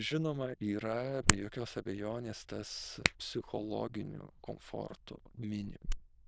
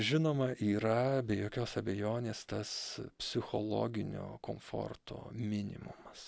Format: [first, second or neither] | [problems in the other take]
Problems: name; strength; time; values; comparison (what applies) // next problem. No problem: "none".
second | noise reduction (neural diffusion model UNIVERSE++)